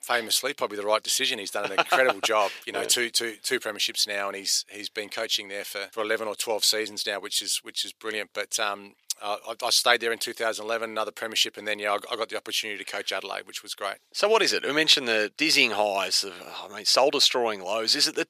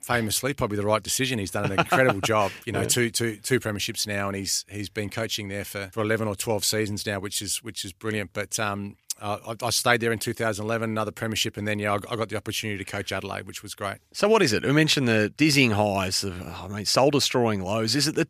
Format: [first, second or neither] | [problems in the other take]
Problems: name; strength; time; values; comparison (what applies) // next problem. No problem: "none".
second | thin; somewhat; fading below 500 Hz